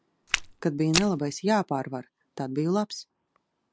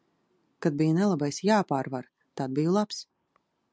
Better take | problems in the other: second | background sound (Walk, footsteps); 3 dB below the speech

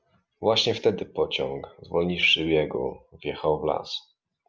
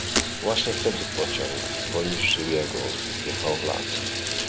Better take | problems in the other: first | background sound (Bathtub (filling or washing) / Water tap, faucet + Shatter); as loud as the speech

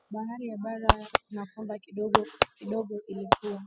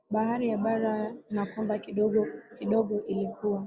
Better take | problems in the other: second | noise reduction (classical method spectral subtraction)

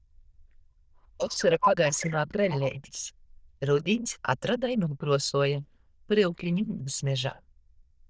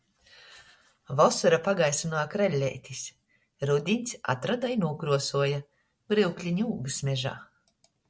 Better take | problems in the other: second | noise reduction (neural diffusion model UNIVERSE++)

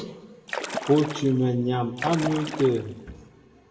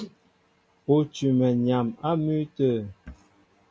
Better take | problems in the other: second | background sound (Splash, splatter); 9 dB below the speech // room echo; dies away in 1.2 s

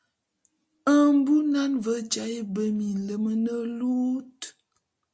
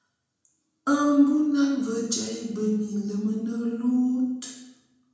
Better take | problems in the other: first | room echo; dies away in 0.9 s

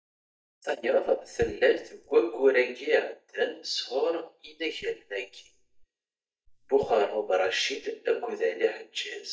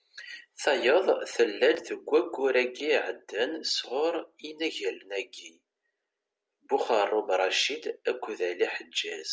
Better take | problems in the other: second | noise reduction (neural mask model DeepFilterNet 3)

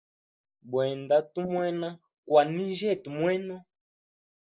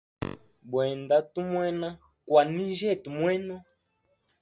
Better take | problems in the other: second | noise reduction (neural mask model Resemble Enhance denoiser)

